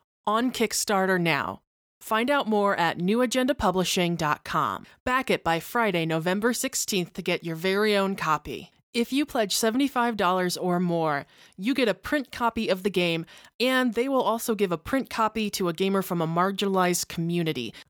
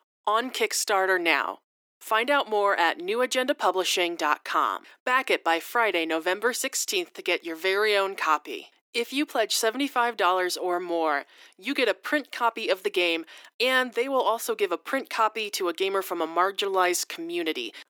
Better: first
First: none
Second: thin; somewhat; fading below 300 Hz

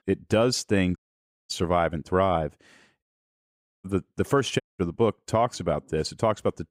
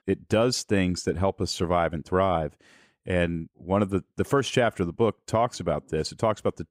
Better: second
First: audio cutting out; at 1 s for 0.5 s, at 3 s for 1 s and at 4.5 s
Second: none

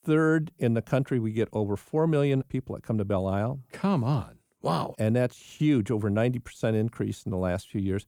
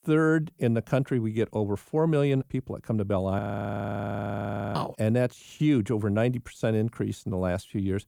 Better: first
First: none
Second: audio freezing; at 3.5 s for 1.5 s

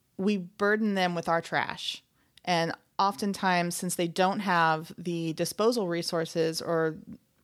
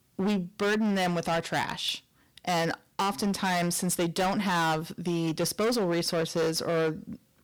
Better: first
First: none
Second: distortion; heavy; 18% of the sound clipped

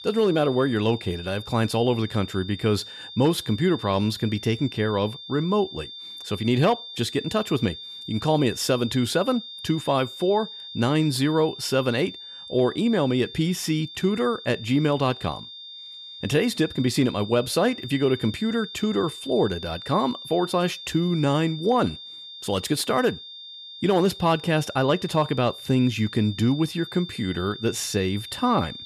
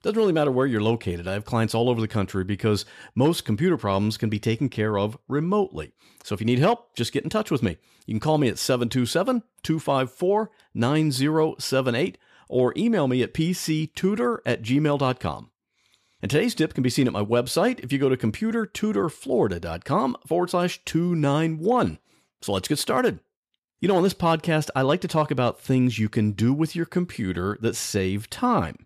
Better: second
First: high-pitched whine; noticeable; throughout; 3.5 kHz, 15 dB below the speech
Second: none

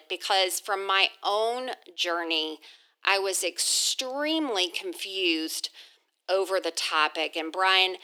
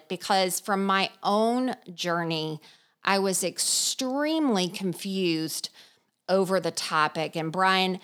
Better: second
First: thin; very; fading below 300 Hz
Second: none

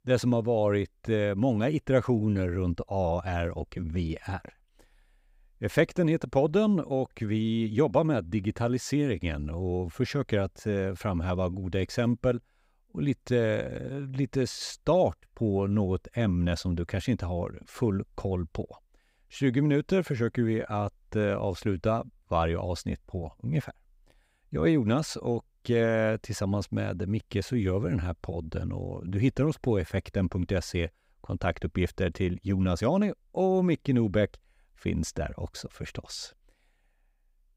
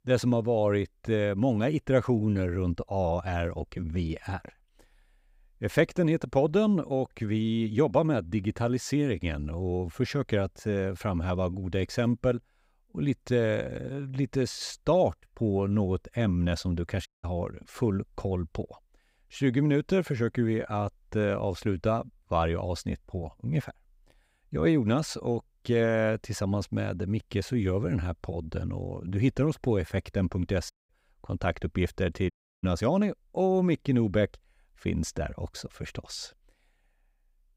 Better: first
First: none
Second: audio cutting out; at 17 s, at 31 s and at 32 s

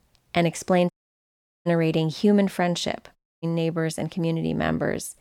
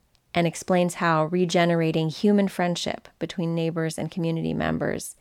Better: second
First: audio cutting out; at 1 s for 0.5 s and at 3 s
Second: none

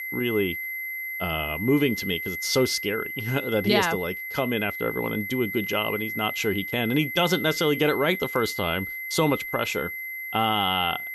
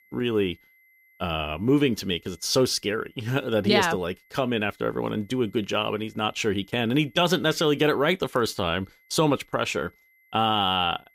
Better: second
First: high-pitched whine; loud; throughout; 2 kHz, 5 dB below the speech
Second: high-pitched whine; faint; throughout; 2 kHz, 35 dB below the speech

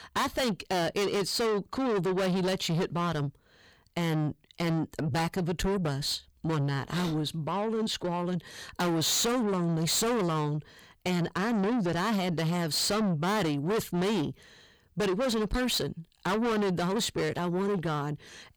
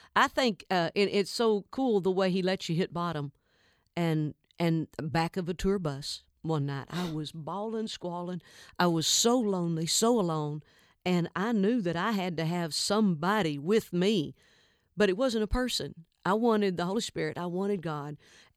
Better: second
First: distortion; heavy; 5 dB below the speech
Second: none

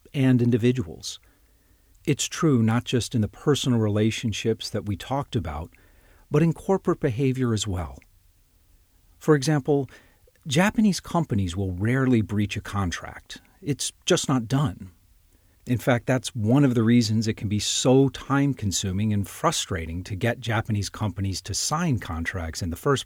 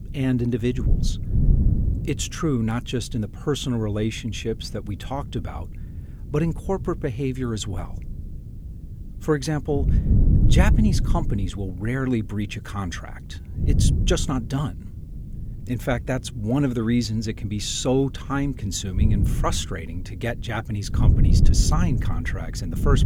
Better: first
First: none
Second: wind noise on the microphone; heavy; 9 dB below the speech

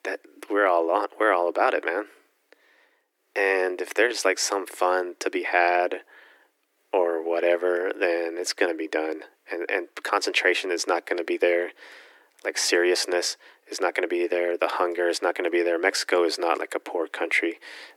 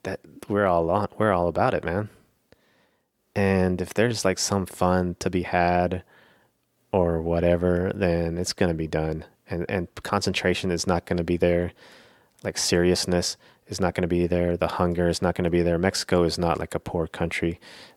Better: second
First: thin; very; fading below 300 Hz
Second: none

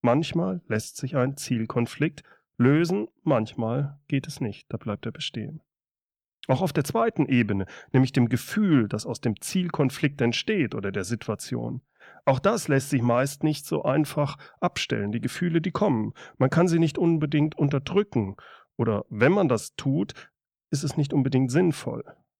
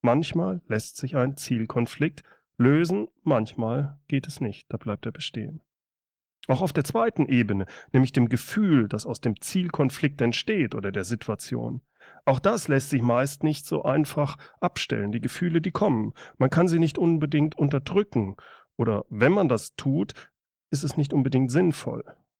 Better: first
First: none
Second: garbled, watery; slightly

